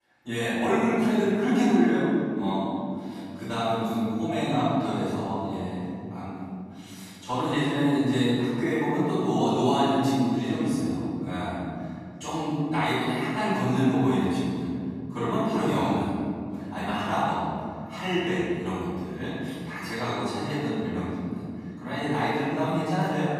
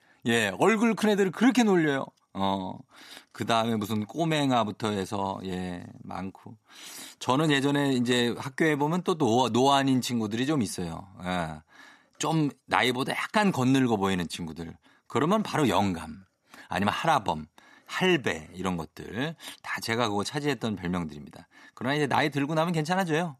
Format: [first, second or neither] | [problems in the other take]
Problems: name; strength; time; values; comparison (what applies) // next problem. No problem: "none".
second | room echo; strong; dies away in 3 s // off-mic speech; far